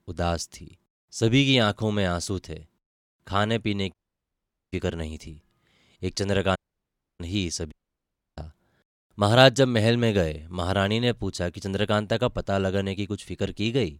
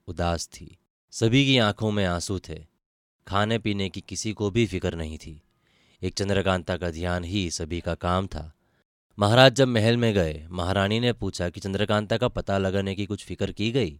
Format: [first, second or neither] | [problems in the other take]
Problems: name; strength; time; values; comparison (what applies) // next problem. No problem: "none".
second | audio cutting out; at 4 s for 1 s, at 6.5 s for 0.5 s and at 7.5 s for 0.5 s